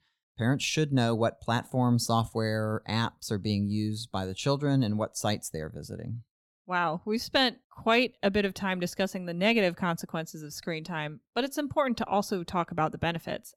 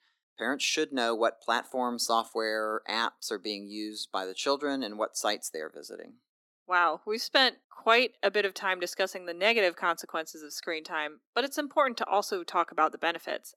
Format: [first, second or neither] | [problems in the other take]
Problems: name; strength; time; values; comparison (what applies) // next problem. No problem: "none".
first | thin; somewhat; fading below 300 Hz